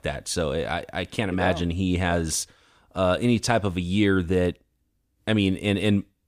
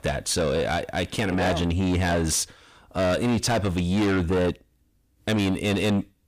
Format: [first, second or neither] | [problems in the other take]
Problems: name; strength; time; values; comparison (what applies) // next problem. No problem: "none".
first | distortion; heavy; 7 dB below the speech